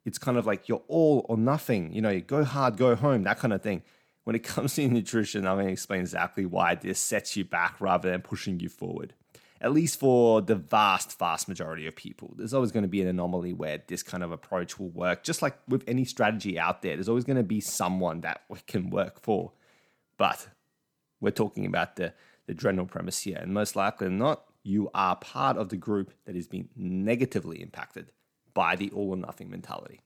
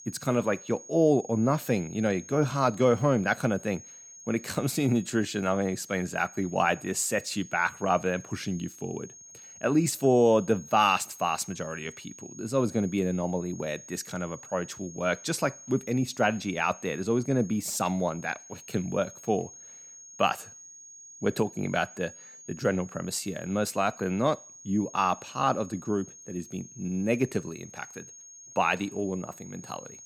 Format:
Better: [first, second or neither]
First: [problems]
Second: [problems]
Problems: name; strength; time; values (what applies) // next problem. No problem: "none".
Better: first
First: none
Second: high-pitched whine; noticeable; throughout; 6.5 kHz, 15 dB below the speech